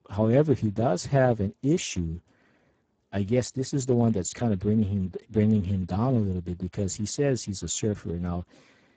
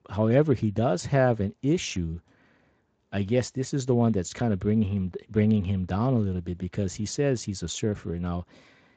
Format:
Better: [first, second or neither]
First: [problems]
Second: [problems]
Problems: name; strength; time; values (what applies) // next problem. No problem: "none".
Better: second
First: garbled, watery; badly; nothing above 7.5 kHz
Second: garbled, watery; slightly; nothing above 7.5 kHz